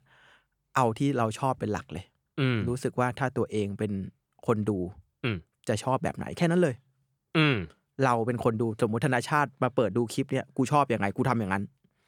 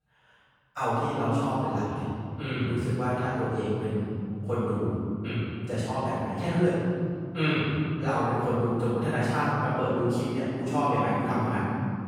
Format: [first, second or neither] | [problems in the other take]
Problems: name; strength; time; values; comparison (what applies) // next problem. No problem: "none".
first | off-mic speech; far // room echo; strong; dies away in 2.6 s